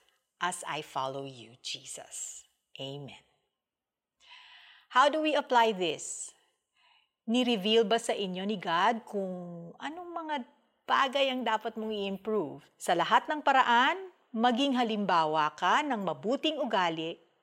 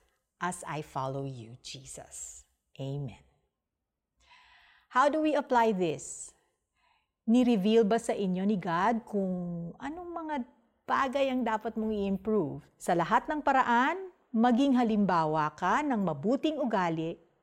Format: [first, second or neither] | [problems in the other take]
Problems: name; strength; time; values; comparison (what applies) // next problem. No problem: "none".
second | thin; very slightly; fading below 500 Hz